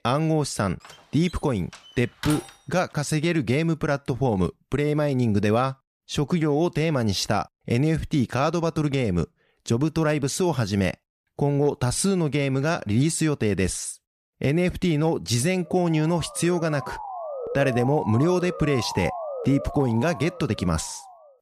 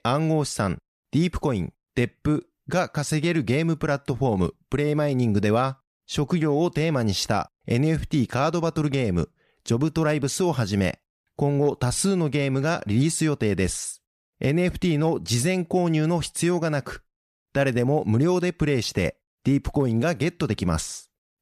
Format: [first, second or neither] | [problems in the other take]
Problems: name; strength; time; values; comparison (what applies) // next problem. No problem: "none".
second | door banging; noticeable; from 1 to 2.5 s; peak 9 dB below the speech // siren; noticeable; from 16 s on; peak 7 dB below the speech